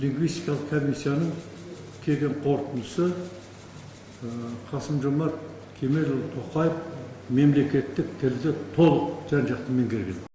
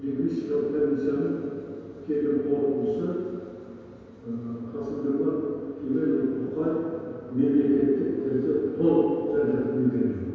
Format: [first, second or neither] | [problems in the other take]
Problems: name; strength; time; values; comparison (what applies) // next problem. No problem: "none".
first | room echo; dies away in 2.2 s